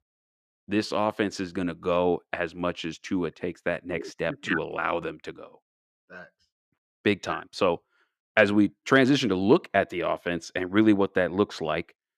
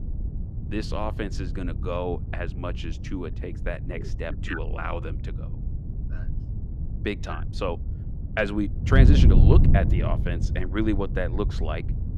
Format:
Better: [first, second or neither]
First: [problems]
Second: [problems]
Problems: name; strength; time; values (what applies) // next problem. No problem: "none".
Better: first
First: none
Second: wind noise on the microphone; heavy; 9 dB below the speech